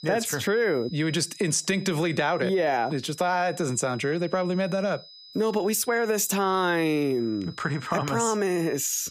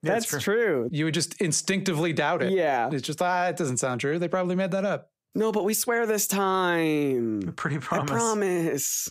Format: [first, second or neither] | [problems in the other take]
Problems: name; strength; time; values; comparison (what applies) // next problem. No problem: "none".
second | high-pitched whine; noticeable; throughout; 5 kHz, 20 dB below the speech